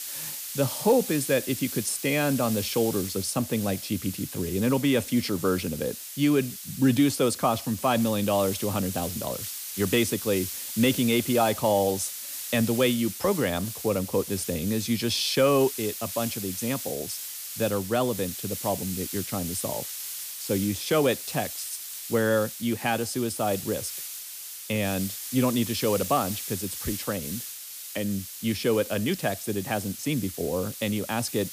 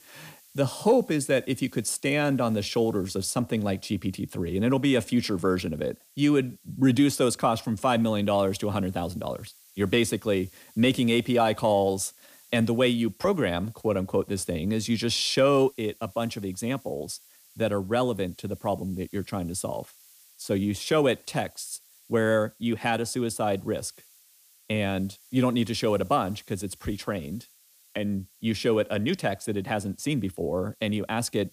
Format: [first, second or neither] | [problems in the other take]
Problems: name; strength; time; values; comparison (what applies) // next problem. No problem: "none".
second | hiss; loud; throughout; 7 dB below the speech; faint in the second